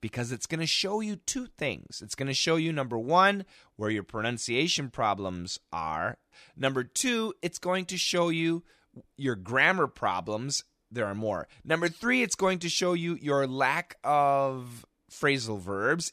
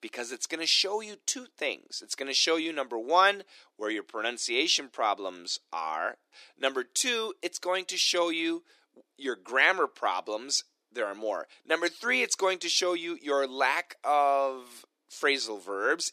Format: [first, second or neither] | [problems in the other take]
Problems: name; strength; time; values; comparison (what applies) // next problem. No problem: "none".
first | thin; somewhat; fading below 300 Hz